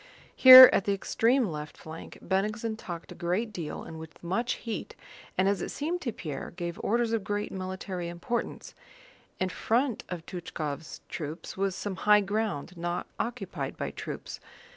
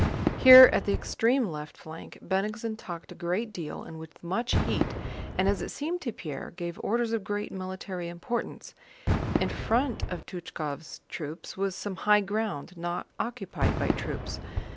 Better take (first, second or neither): first